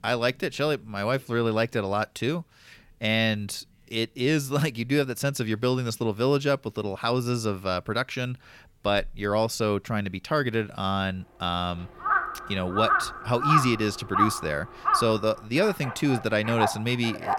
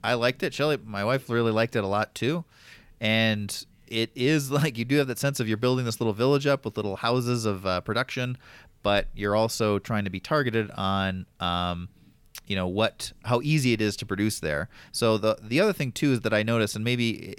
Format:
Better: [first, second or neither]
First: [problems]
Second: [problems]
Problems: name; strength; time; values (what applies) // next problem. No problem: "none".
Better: second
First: animal sounds; loud; from 11 s on; 1 dB below the speech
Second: none